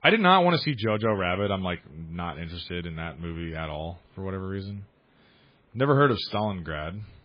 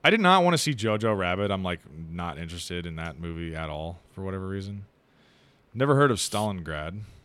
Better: second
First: garbled, watery; badly; nothing above 4 kHz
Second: none

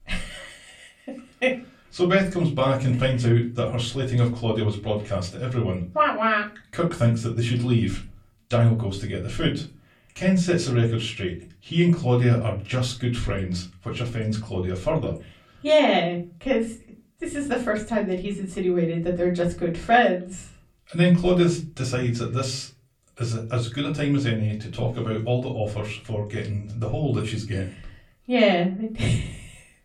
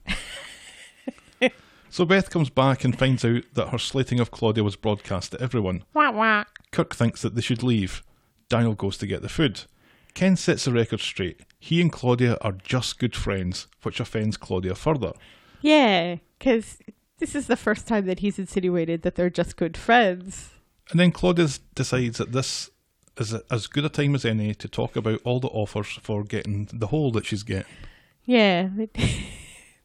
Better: second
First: off-mic speech; far // room echo; very slight; dies away in 0.3 s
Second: none

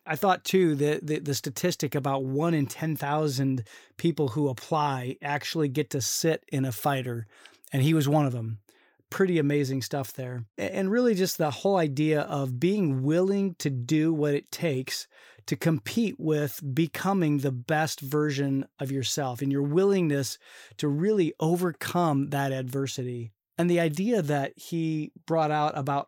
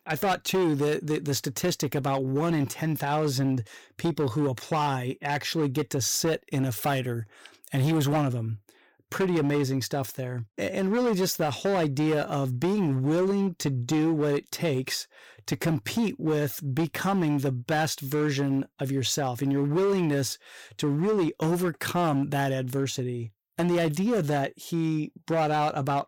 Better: first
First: none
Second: distortion; slight; 12% of the sound clipped

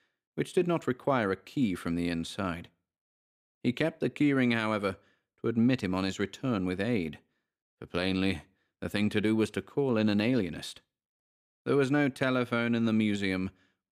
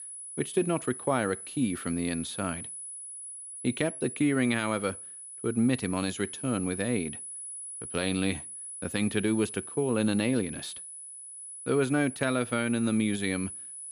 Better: first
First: none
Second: high-pitched whine; loud; throughout; 10 kHz, 9 dB below the speech

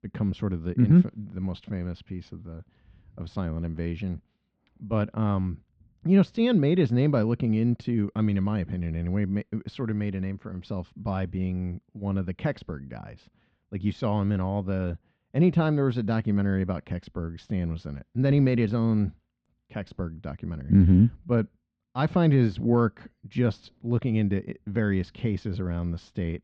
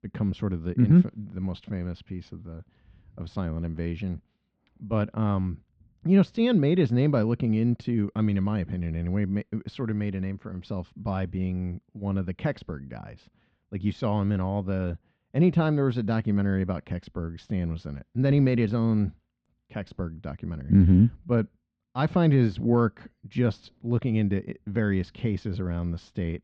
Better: neither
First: muffled; very; fading above 3 kHz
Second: muffled; very; fading above 3 kHz

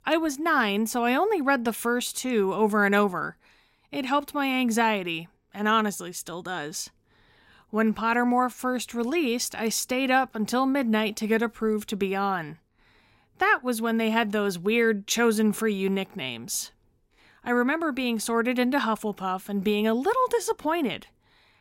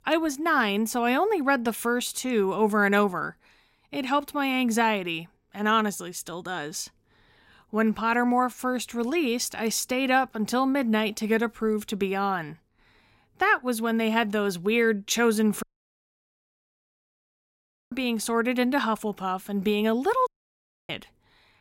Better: first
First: none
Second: audio cutting out; at 16 s for 2.5 s and at 20 s for 0.5 s

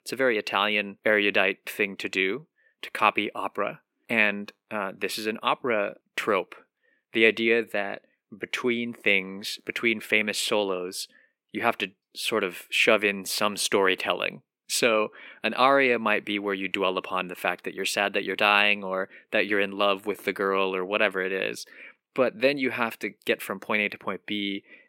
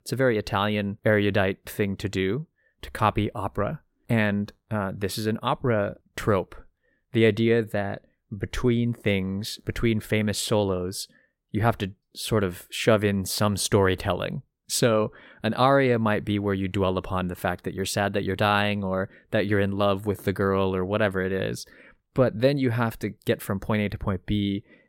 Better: second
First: thin; somewhat; fading below 250 Hz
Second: none

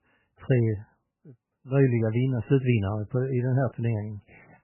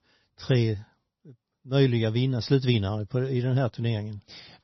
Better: second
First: garbled, watery; badly; nothing above 3 kHz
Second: garbled, watery; slightly; nothing above 5.5 kHz

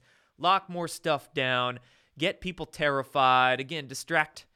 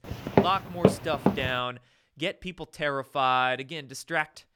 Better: first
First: none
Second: footsteps; loud; until 1.5 s; peak 5 dB above the speech

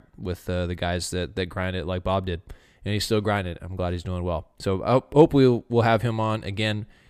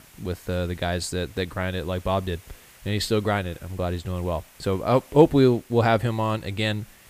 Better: first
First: none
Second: hiss; faint; throughout; 25 dB below the speech

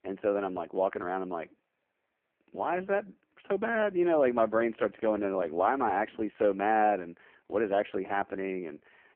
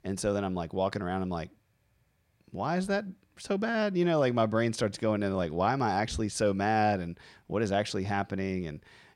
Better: second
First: phone-call audio; poor line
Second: none

